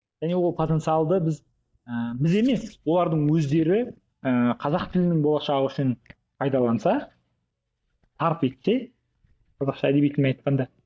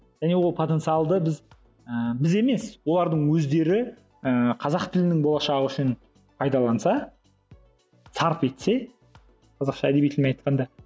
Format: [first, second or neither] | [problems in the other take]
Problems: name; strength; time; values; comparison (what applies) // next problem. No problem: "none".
second | noise reduction (neural mask model DeepFilterNet 3)